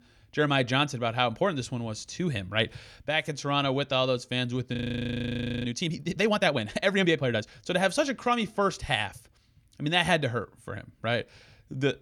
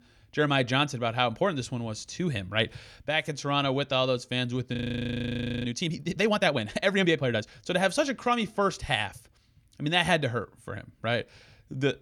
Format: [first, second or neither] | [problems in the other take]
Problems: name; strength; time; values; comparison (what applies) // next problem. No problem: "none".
neither | audio freezing; at 5 s for 1 s; the same in both